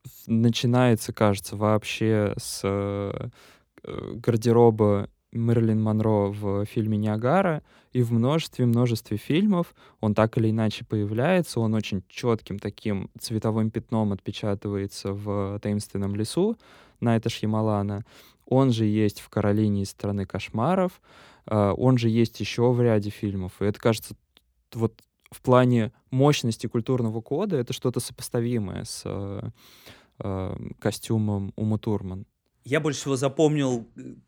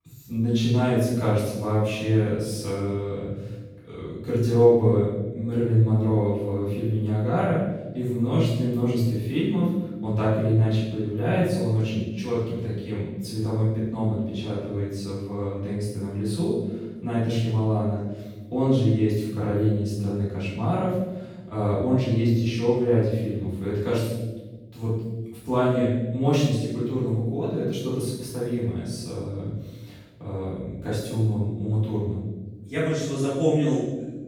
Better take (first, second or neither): first